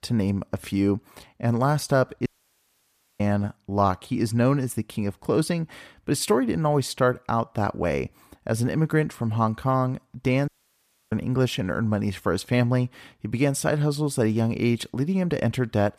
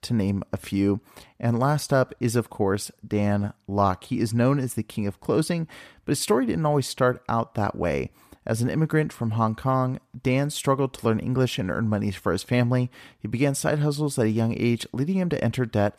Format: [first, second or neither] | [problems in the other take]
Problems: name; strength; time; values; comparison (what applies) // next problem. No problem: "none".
second | audio cutting out; at 2.5 s for 1 s and at 10 s for 0.5 s